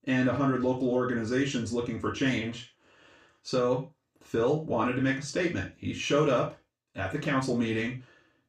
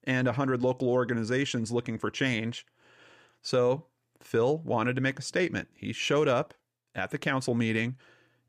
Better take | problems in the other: second | room echo; slight; dies away in 0.2 s // off-mic speech; far

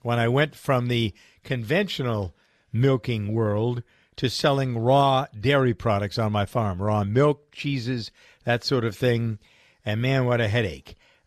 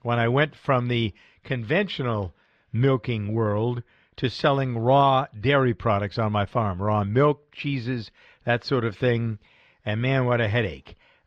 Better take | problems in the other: first | muffled; very slightly; fading above 3 kHz

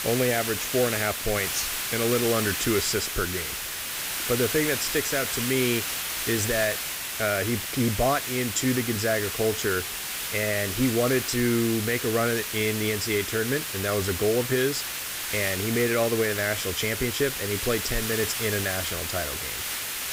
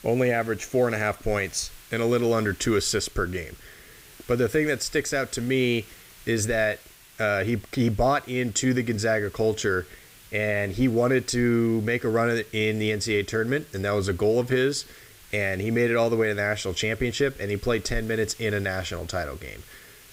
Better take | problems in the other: second | hiss; loud; throughout; 2 dB below the speech; faint in the second

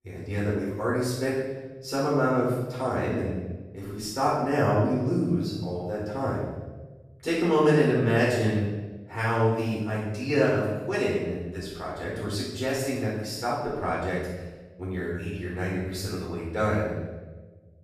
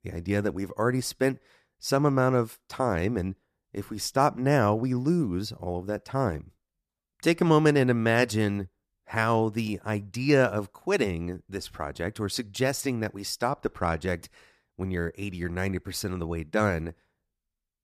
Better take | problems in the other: second | room echo; strong; dies away in 1.1 s // off-mic speech; far

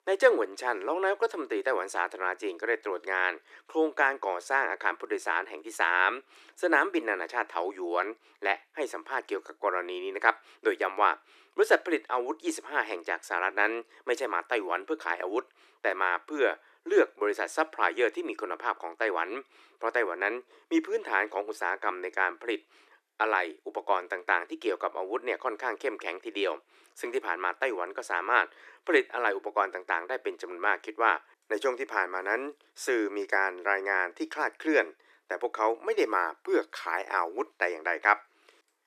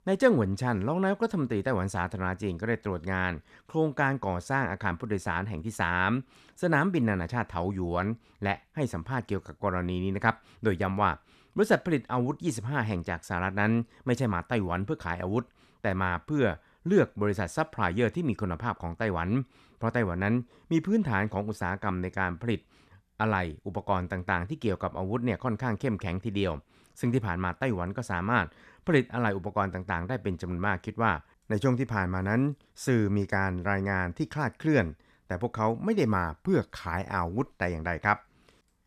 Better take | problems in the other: second | thin; very; fading below 300 Hz

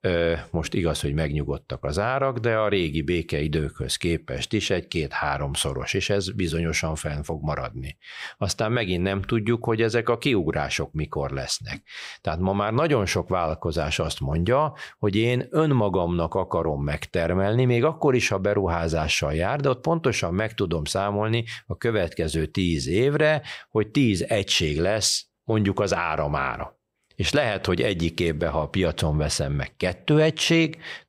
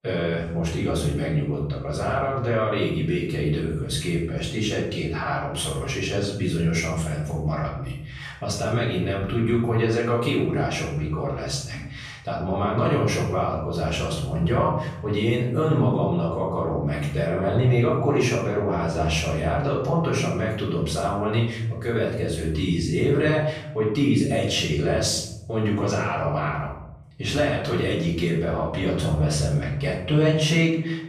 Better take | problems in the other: first | off-mic speech; far // room echo; noticeable; dies away in 0.9 s

